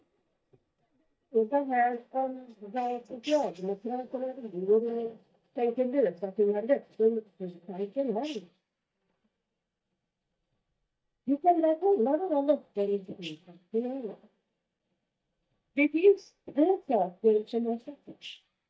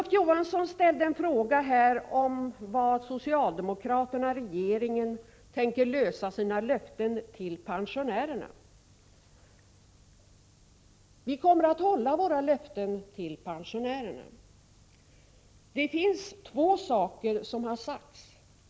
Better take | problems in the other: second | noise reduction (neural mask model DeepFilterNet 3)

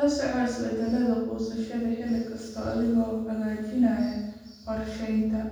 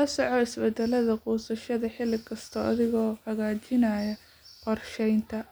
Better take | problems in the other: second | room echo; dies away in 1.1 s

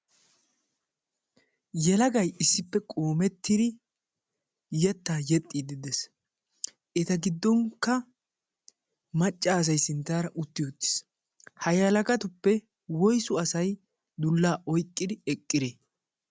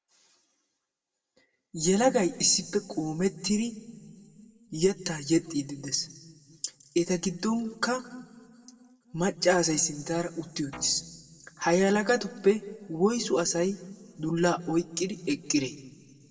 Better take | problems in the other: first | background sound (Guitar); 20 dB below the speech // room echo; dies away in 1.4 s

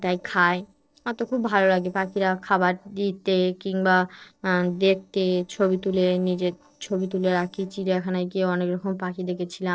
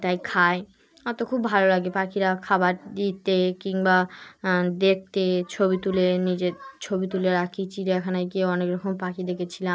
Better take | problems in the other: second | noise reduction (neural separator model SepFormer DNS4)

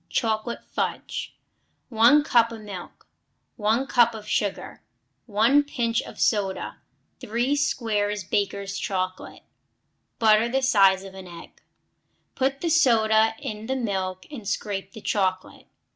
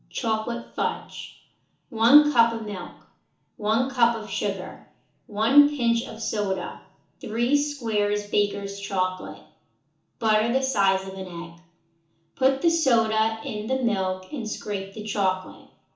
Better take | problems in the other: first | room echo; dies away in 0.8 s

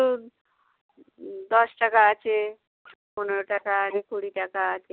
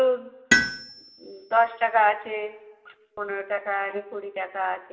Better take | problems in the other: first | background sound (Tools); 3 dB below the speech // room echo; dies away in 0.9 s

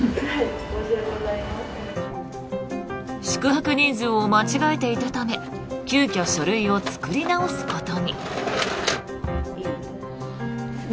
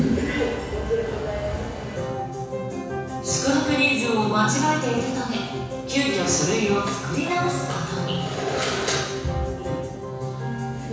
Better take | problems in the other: first | room echo; dies away in 1.1 s

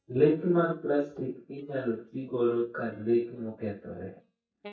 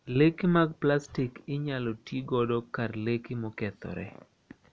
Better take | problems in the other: second | noise reduction (neural mask model DeepFilterNet 3)

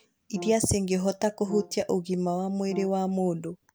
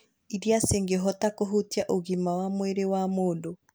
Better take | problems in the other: second | background sound (Brass instrument); 15 dB below the speech

